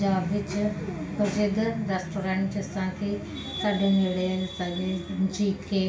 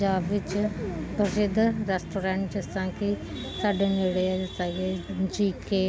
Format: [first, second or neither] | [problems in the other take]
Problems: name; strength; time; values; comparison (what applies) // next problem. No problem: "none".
second | room echo; dies away in 0.4 s